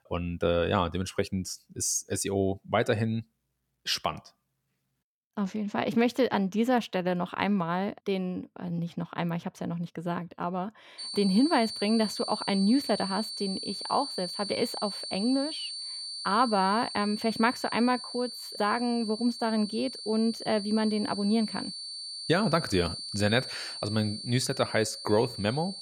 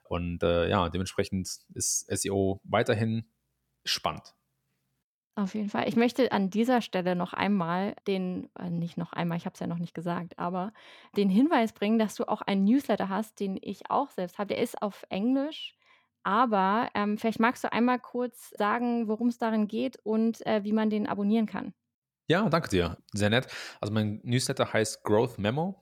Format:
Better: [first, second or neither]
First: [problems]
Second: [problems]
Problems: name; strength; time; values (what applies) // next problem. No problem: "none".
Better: second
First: high-pitched whine; loud; from 11 s on; 4.5 kHz, 7 dB below the speech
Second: none